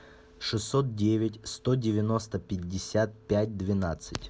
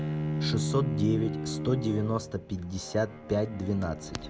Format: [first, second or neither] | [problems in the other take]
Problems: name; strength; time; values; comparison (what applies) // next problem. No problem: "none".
first | background sound (Bowed string instrument); 3 dB below the speech